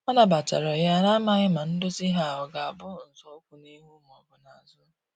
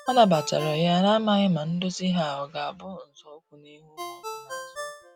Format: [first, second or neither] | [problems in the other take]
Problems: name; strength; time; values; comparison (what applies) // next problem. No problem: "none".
first | background sound (Ringtone); 15 dB below the speech